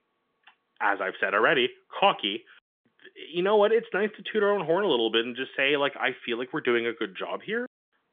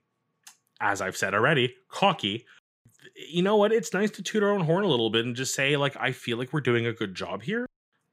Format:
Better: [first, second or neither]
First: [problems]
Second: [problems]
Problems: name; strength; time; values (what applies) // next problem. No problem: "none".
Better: second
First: phone-call audio; nothing above 3.5 kHz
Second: none